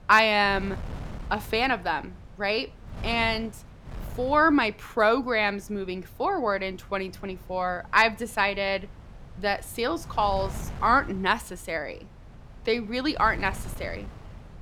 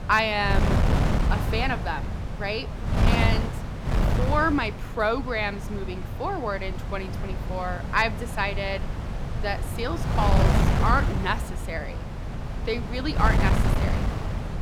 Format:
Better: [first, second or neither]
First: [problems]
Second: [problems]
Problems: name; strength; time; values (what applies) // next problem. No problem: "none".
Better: first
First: wind noise on the microphone; occasional gusts; 25 dB below the speech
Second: wind noise on the microphone; heavy; 7 dB below the speech